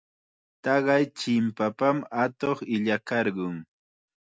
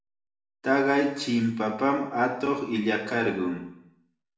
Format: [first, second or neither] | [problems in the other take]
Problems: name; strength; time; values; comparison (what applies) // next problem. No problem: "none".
first | room echo; dies away in 0.8 s